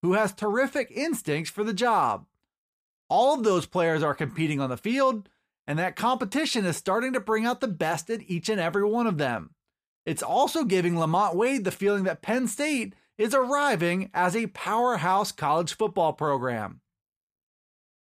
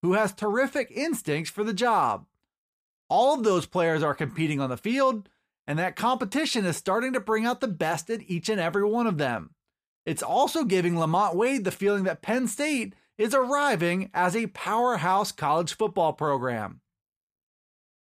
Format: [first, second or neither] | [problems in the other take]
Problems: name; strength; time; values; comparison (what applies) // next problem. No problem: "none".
neither | none